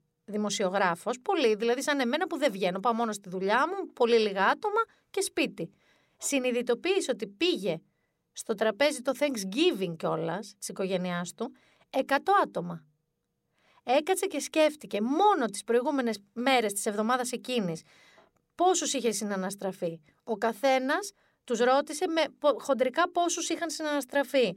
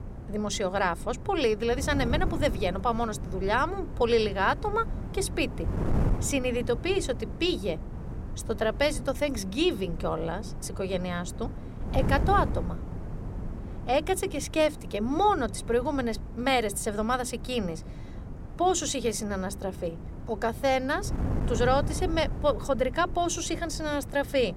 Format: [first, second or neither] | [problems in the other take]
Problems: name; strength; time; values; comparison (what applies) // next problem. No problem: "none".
first | wind noise on the microphone; occasional gusts; 15 dB below the speech